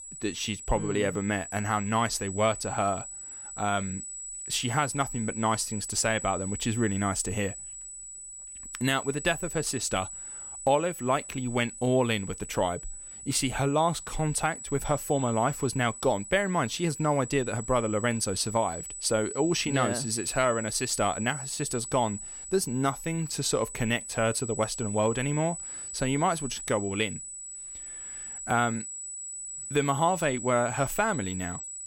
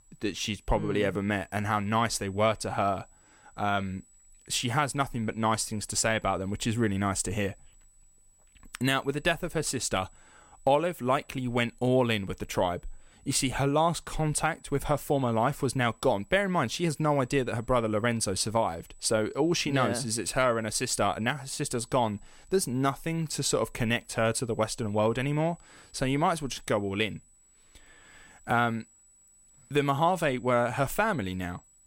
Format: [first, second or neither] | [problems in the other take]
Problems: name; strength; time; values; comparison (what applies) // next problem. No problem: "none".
second | high-pitched whine; loud; throughout; 8 kHz, 9 dB below the speech; faint in the second